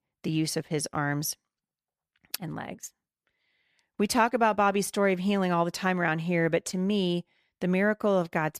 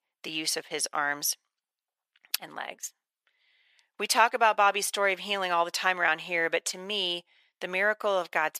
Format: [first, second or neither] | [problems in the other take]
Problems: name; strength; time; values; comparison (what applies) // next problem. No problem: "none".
first | thin; very; fading below 650 Hz